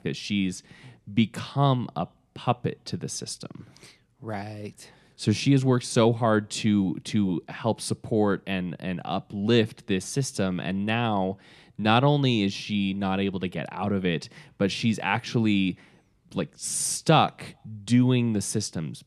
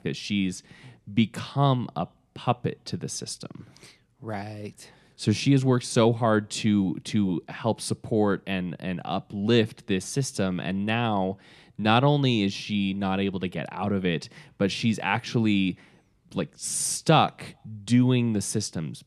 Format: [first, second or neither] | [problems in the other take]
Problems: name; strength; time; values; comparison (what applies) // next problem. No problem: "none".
neither | none